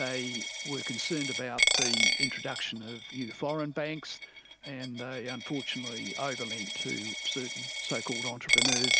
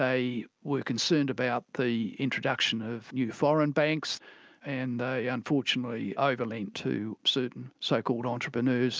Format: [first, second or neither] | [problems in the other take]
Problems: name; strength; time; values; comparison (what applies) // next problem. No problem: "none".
second | background sound (Coin (dropping)); 4 dB above the speech